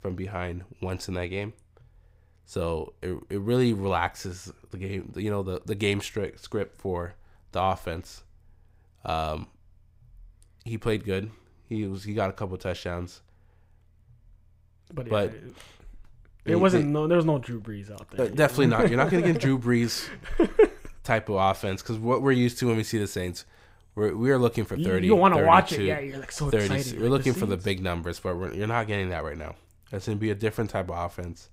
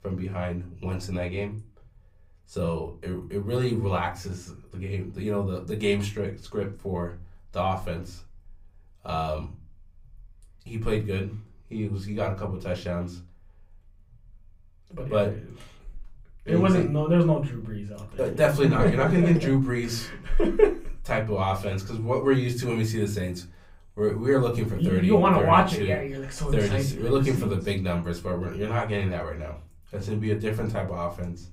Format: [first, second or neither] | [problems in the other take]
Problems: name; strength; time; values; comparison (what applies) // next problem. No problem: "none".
first | off-mic speech; far // room echo; very slight; dies away in 0.3 s